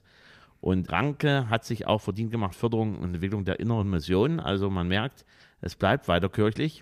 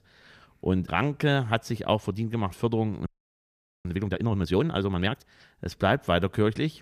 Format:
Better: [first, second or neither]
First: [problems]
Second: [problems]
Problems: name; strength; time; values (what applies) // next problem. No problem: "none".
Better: first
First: none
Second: audio freezing; at 3 s for 1 s